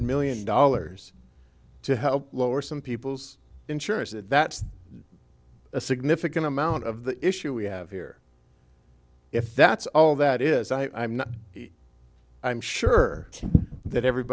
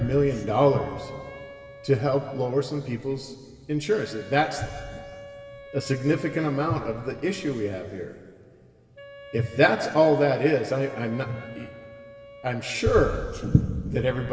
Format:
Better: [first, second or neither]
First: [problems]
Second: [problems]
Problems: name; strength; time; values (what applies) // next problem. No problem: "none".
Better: first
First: none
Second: background sound (Wind instrument, woodwind instrument); 19 dB below the speech // room echo; dies away in 2.3 s